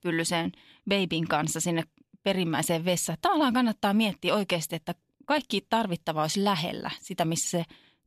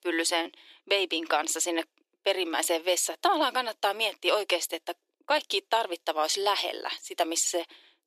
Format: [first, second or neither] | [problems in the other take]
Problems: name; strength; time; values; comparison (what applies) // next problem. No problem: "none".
first | thin; very; fading below 350 Hz